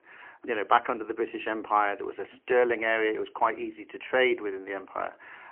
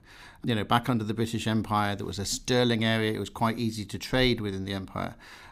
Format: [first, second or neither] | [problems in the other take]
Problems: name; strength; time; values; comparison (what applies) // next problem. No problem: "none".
second | phone-call audio; poor line; nothing above 3 kHz